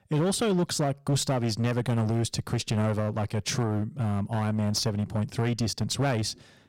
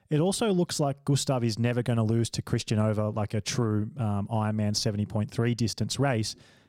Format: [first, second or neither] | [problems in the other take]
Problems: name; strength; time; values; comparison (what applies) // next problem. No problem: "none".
second | distortion; slight; 12% of the sound clipped